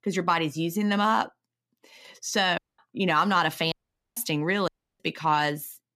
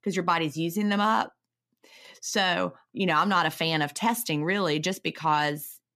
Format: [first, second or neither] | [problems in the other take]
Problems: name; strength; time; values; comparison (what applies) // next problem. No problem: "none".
second | audio cutting out; at 2.5 s, at 3.5 s and at 4.5 s